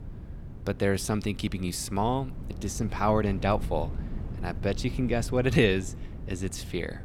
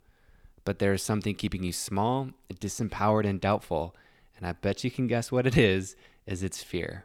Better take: second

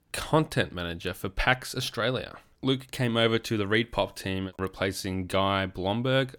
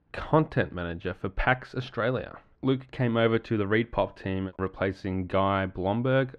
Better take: first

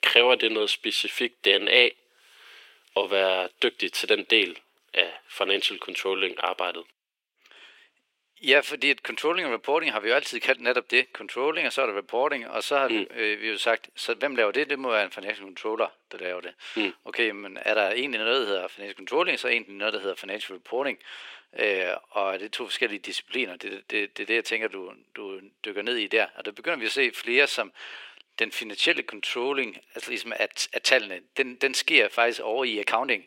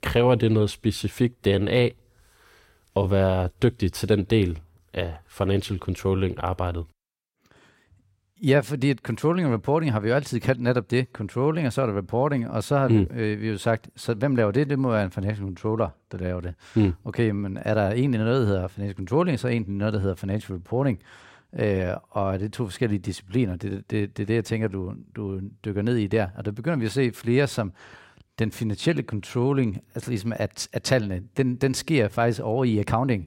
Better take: second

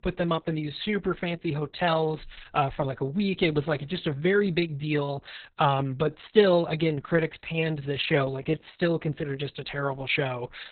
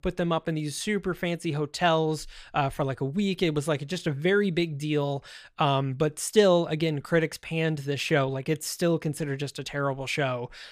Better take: second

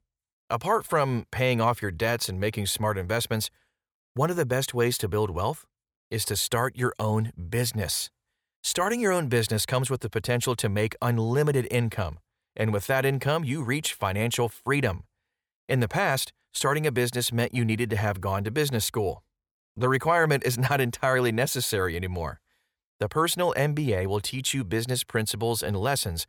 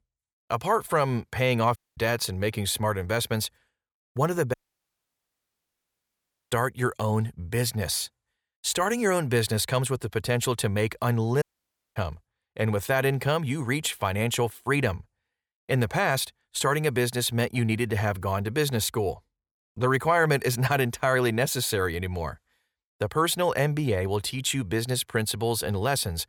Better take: first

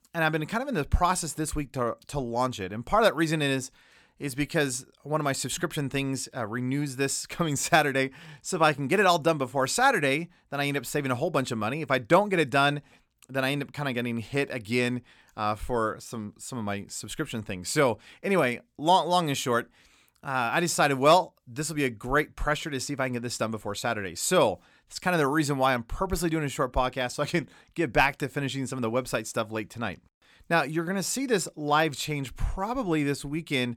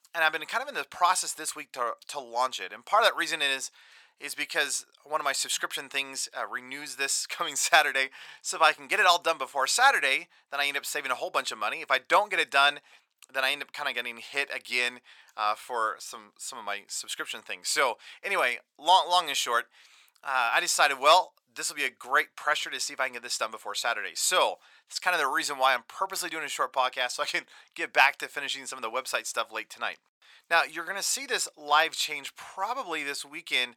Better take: first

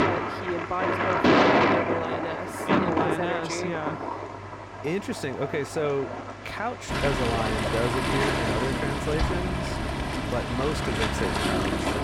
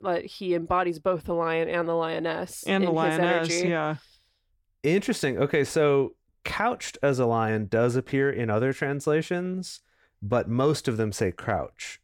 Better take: second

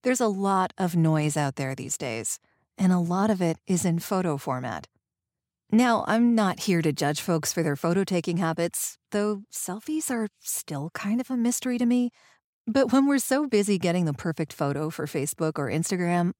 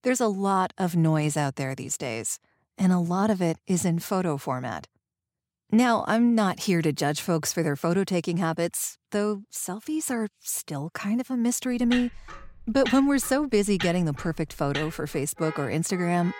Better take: first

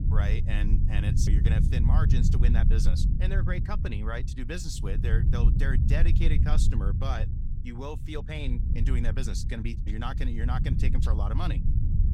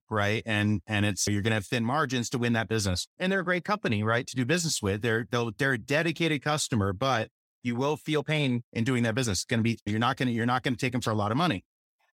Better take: second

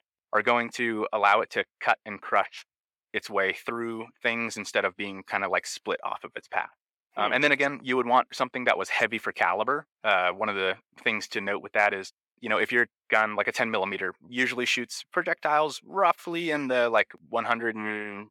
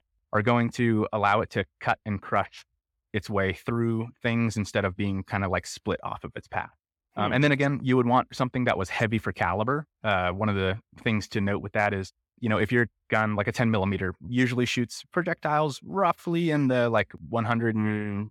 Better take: second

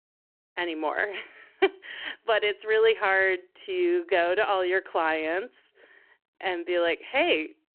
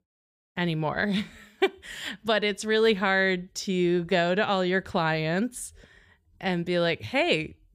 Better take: second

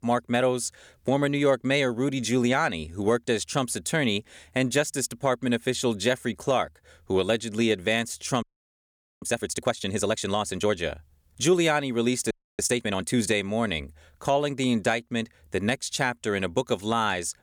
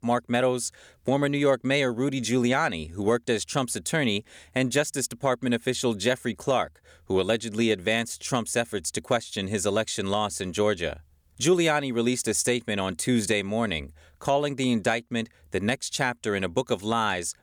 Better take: second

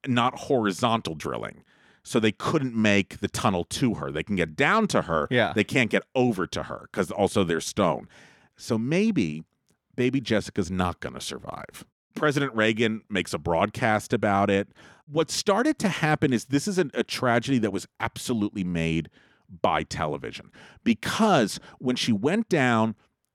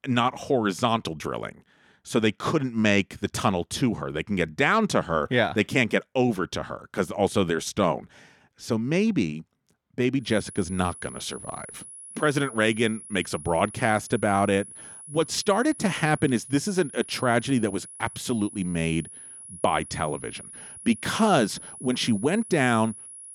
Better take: first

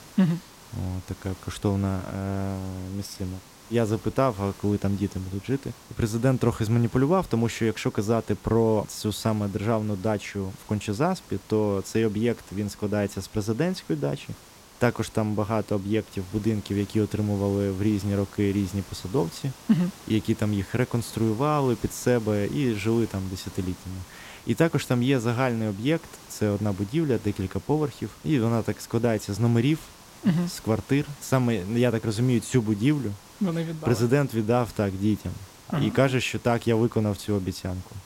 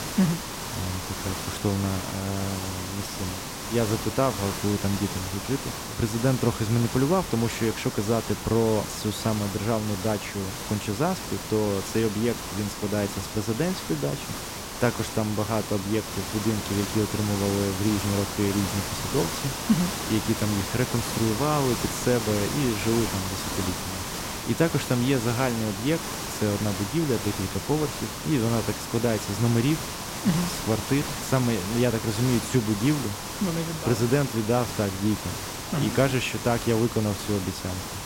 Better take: first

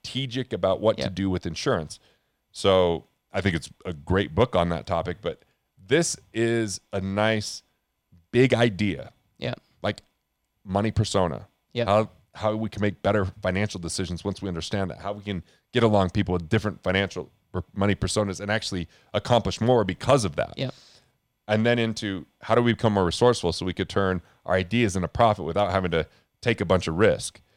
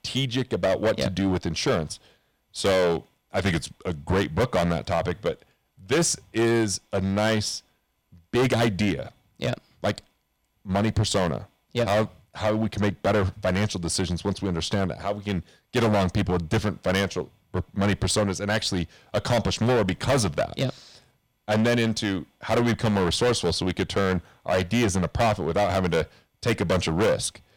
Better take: first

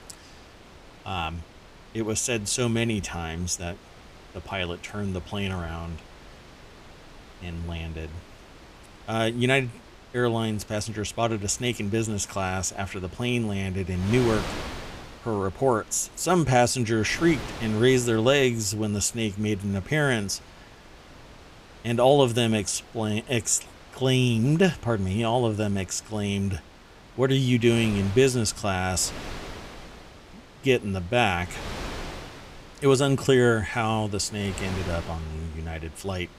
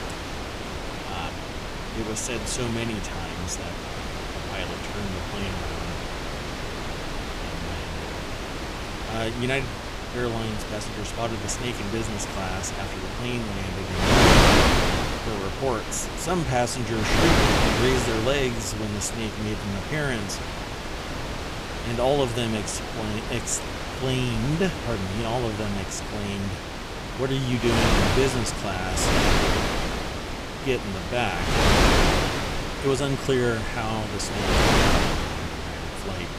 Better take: first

